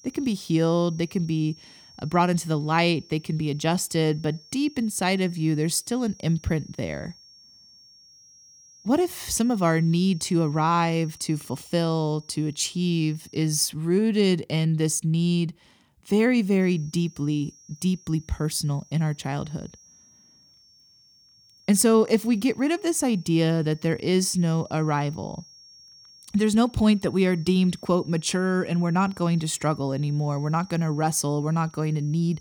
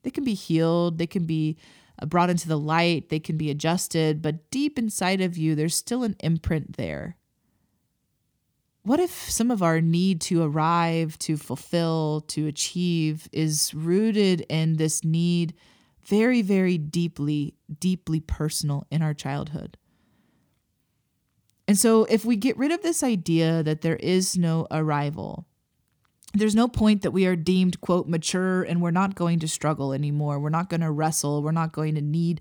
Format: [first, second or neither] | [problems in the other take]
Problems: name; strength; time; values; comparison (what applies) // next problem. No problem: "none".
second | high-pitched whine; faint; until 14 s and from 17 s on; 5.5 kHz, 25 dB below the speech